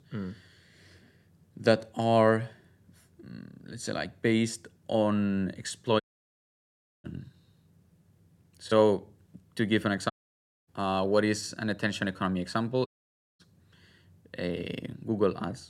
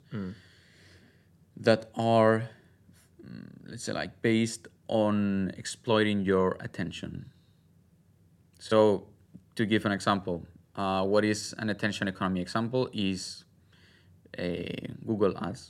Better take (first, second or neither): second